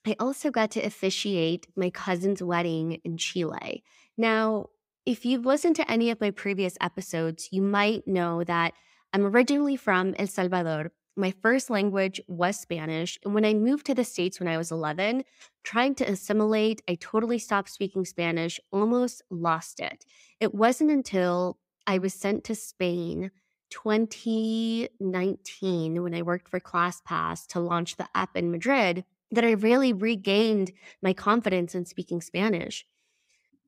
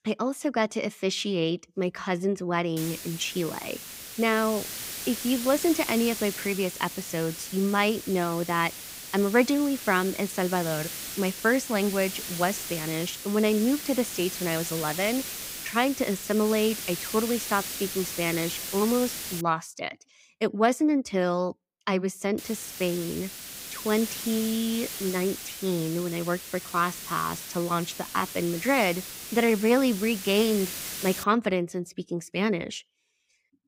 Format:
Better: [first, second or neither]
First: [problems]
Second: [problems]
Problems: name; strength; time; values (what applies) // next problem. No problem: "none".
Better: first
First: none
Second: hiss; loud; from 3 to 19 s and from 22 to 31 s; 7 dB below the speech